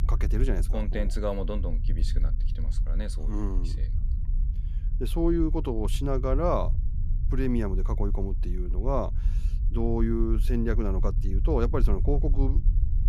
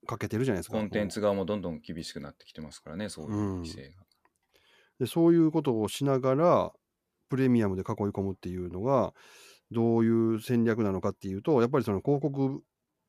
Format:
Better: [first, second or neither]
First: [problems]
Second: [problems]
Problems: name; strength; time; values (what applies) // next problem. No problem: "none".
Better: second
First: low rumble; noticeable; throughout; 15 dB below the speech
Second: none